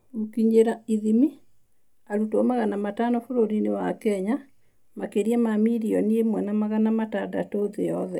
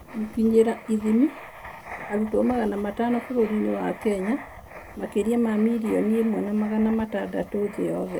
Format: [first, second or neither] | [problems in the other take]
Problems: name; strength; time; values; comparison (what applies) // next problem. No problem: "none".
first | background sound (Writing); 16 dB below the speech